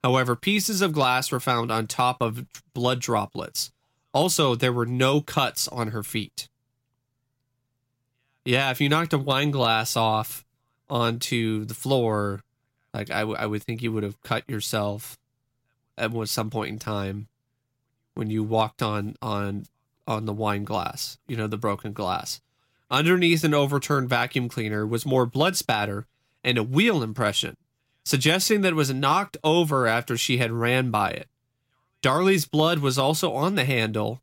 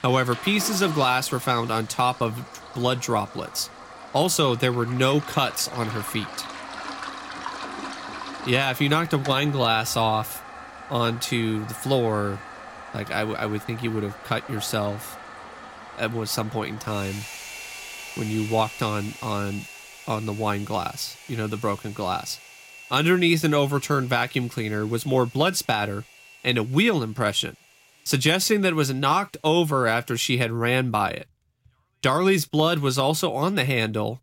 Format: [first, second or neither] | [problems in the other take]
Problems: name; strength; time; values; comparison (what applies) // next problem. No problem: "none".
first | household noises; noticeable; throughout; 15 dB below the speech